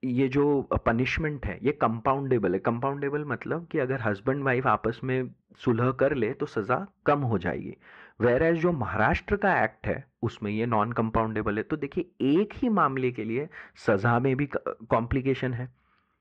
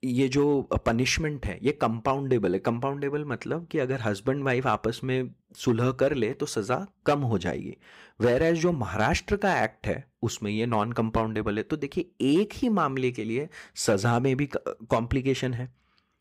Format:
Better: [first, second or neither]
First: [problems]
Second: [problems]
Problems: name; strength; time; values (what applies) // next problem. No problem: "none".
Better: second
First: muffled; very; fading above 2 kHz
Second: none